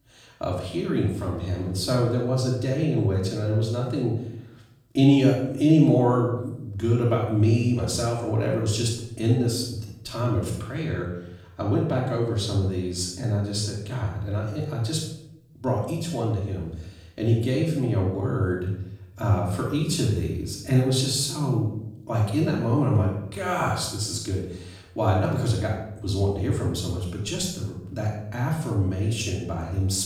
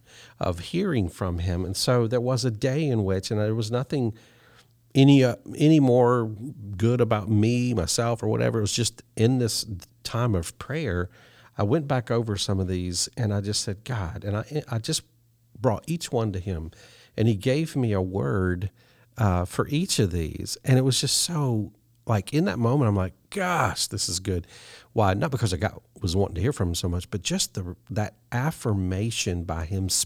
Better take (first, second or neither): second